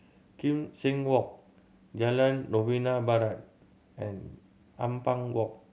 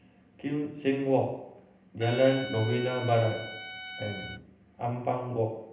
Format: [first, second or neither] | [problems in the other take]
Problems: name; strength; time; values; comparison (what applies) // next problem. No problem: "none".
first | background sound (Trumpet); 11 dB below the speech // room echo; dies away in 0.8 s